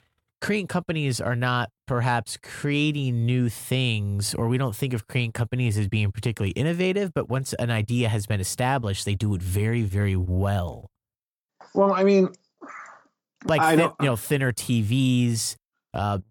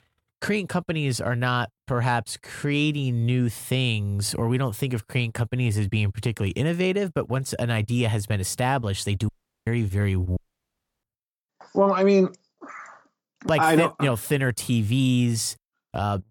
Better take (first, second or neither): first